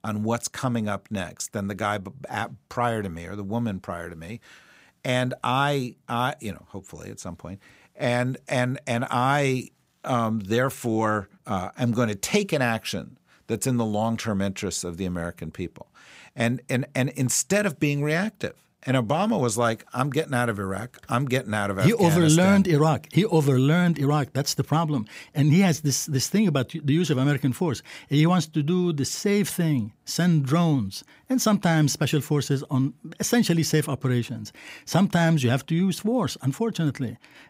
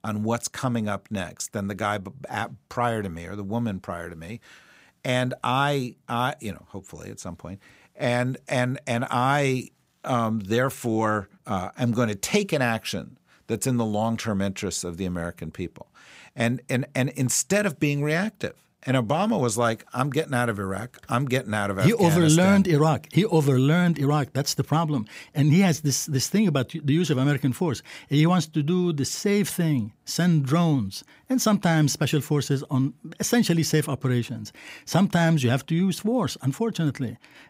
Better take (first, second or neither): neither